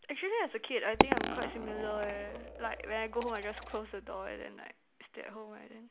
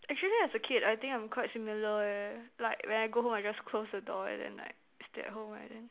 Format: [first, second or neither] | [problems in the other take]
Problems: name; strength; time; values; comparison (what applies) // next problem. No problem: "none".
second | background sound (Coin (dropping)); 2 dB above the speech